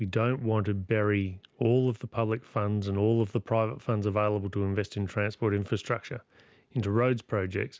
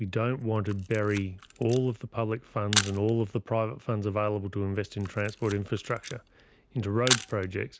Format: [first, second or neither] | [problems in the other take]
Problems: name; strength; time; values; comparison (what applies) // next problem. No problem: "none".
first | background sound (Camera); 7 dB below the speech